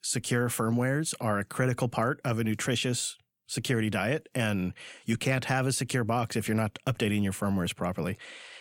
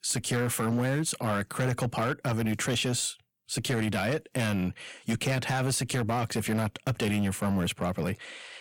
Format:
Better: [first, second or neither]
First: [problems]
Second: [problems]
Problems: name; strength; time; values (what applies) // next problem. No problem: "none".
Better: first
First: none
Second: distortion; slight; 10% of the sound clipped